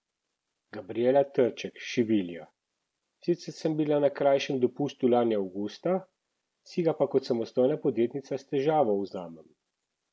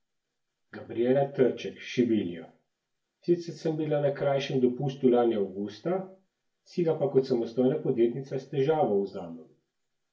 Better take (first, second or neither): first